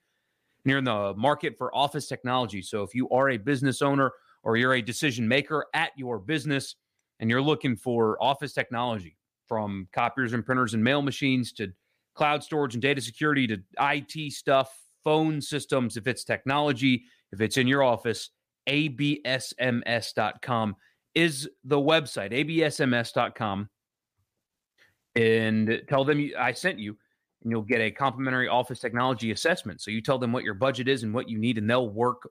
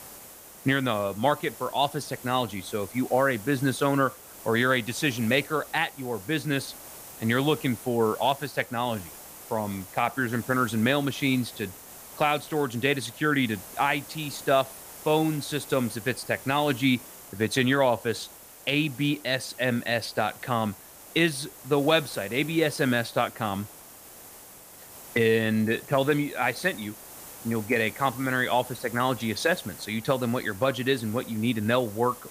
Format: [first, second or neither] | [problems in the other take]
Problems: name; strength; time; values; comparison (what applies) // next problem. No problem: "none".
first | hiss; noticeable; throughout; 15 dB below the speech